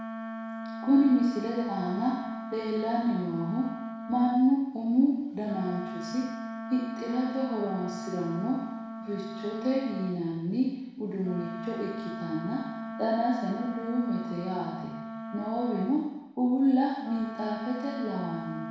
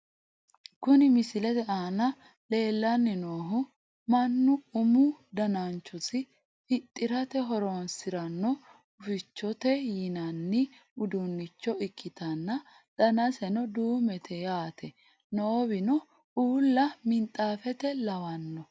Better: second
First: background sound (Wind instrument, woodwind instrument); 9 dB below the speech // room echo; dies away in 1.1 s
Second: none

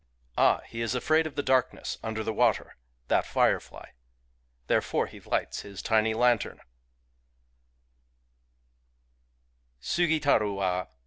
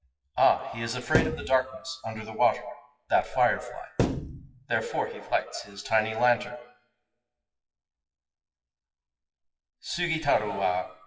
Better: first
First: none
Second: noise reduction (classical method WPE with log-MMSE)

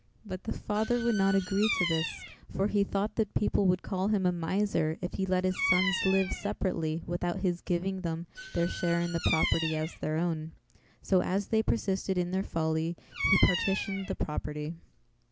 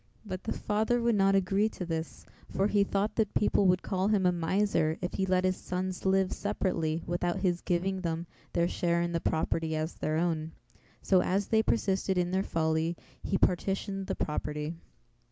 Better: second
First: background sound (Bird vocalization, bird call, bird song); 9 dB below the speech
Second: none

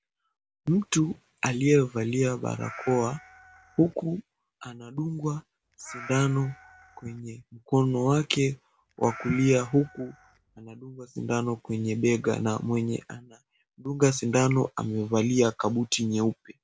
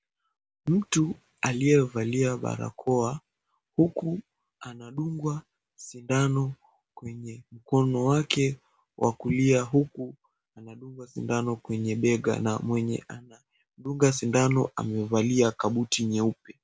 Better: second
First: background sound (Meow); 19 dB below the speech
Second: none

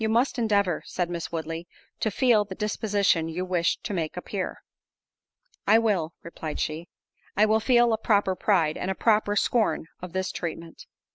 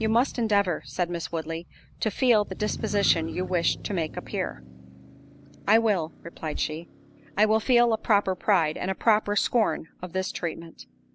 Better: first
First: none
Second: background sound (Motor vehicle (road)); 17 dB below the speech

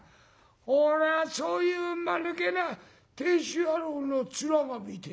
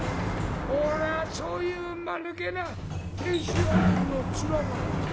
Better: first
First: none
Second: background sound (Sliding door); 3 dB above the speech

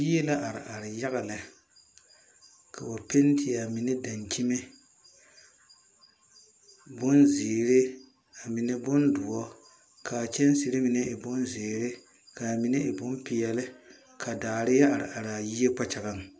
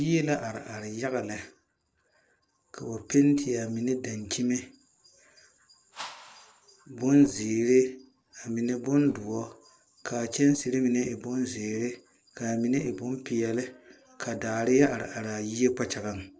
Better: first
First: none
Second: noise reduction (neural separator model SepFormer DNS4)

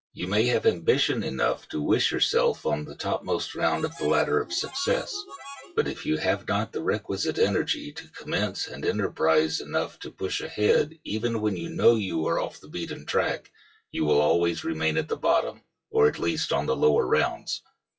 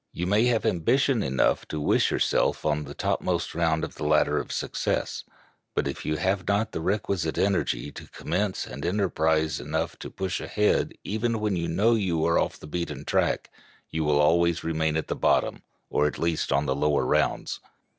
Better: second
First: noise reduction (classical method WPE with log-MMSE)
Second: none

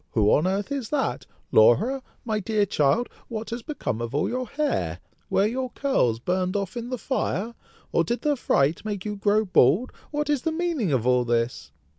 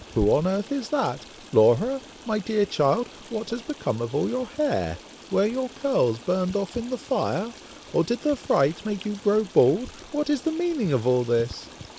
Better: first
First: none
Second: background sound (Stream); 19 dB below the speech

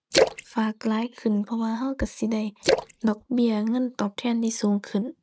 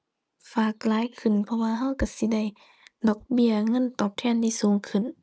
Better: second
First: noise reduction (neural mask model RNNoise)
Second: none

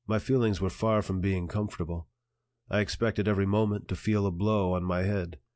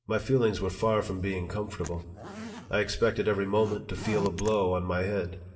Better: first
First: none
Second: background sound (Zipper (clothing)); 13 dB below the speech // room echo; dies away in 2.4 s

